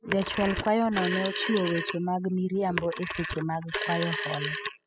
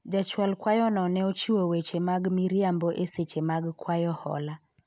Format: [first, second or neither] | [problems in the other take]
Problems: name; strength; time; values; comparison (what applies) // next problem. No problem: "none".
second | noise reduction (classical method spectral subtraction)